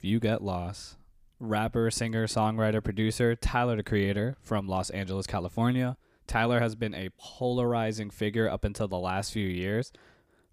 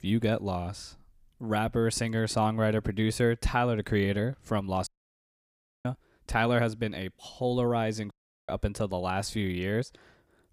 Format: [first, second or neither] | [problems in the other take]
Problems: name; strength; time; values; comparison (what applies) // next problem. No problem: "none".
first | audio cutting out; at 5 s for 1 s and at 8 s